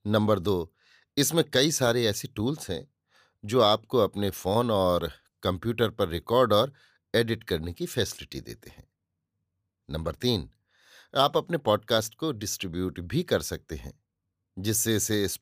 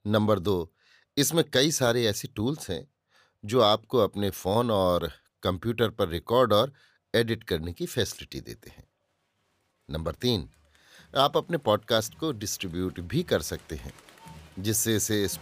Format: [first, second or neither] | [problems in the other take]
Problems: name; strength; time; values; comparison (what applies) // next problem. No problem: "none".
first | crowd noise; faint; throughout; 25 dB below the speech